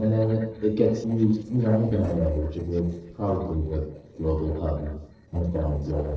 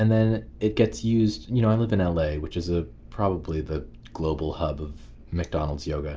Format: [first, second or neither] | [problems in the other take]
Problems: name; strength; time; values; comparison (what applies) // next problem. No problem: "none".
second | noise reduction (neural separator model SepFormer DNS4)